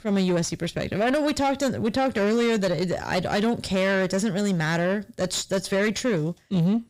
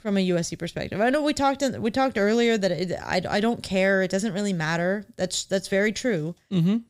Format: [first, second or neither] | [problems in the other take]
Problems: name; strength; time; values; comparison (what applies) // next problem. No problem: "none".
second | distortion; slight; 10 dB below the speech